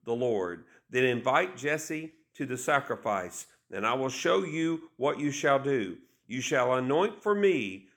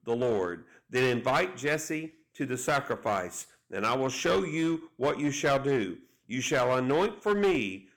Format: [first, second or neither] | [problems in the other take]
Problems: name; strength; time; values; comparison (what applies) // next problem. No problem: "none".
first | distortion; slight; 8% of the sound clipped